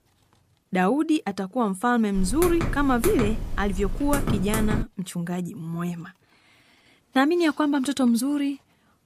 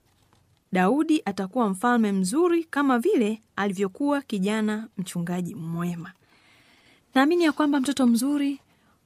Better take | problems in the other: second | keyboard typing; noticeable; from 2 to 5 s; peak 3 dB below the speech

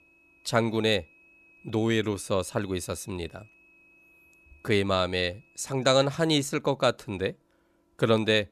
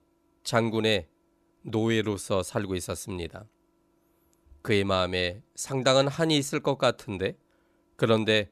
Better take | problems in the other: second | high-pitched whine; faint; until 6 s; 2.5 kHz, 30 dB below the speech

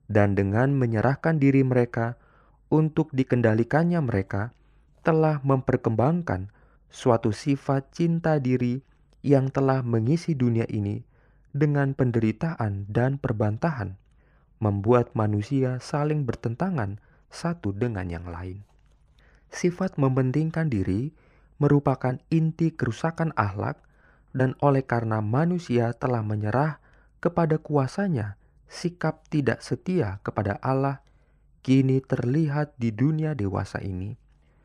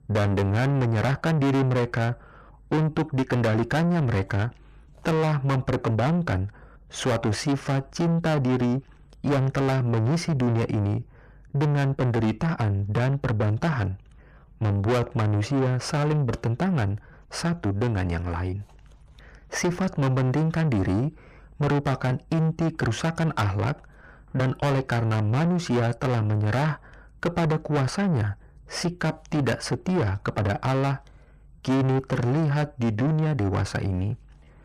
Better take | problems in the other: first | distortion; heavy; 6 dB below the speech

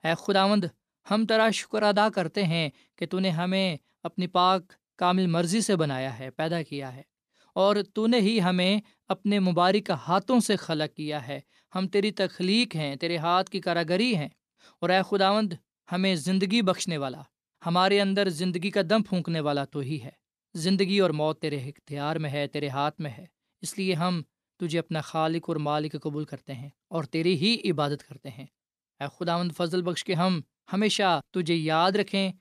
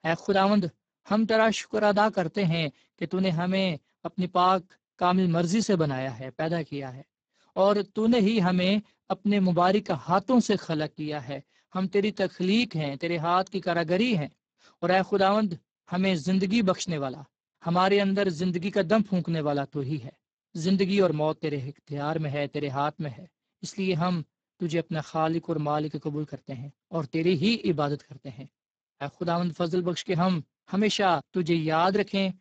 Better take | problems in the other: first | garbled, watery; badly; nothing above 7.5 kHz

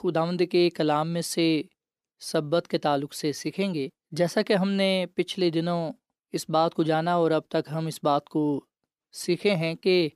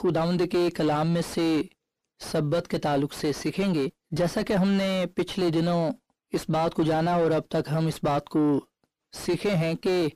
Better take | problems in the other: first | distortion; heavy; 6 dB below the speech

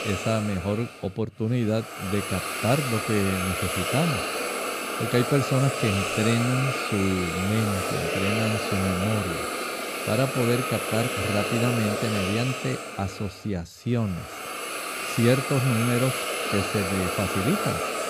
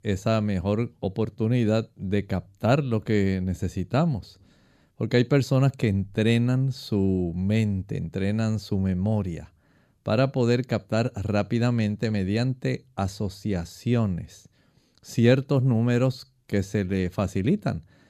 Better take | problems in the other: second | hiss; loud; throughout; 1 dB below the speech

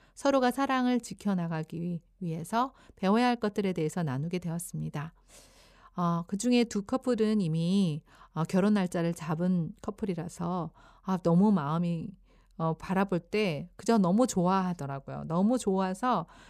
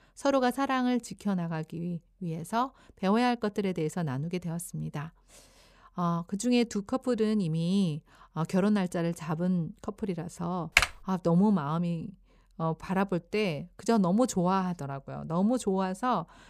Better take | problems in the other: first | keyboard typing; loud; at 11 s; peak 5 dB above the speech

